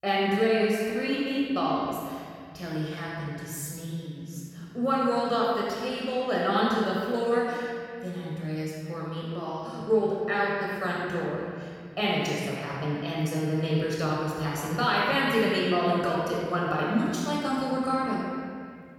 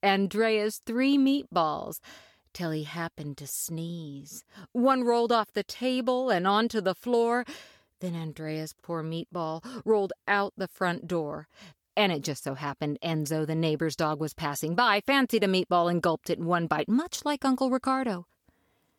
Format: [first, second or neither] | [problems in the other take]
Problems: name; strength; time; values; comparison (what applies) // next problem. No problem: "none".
second | off-mic speech; far // room echo; strong; dies away in 2.8 s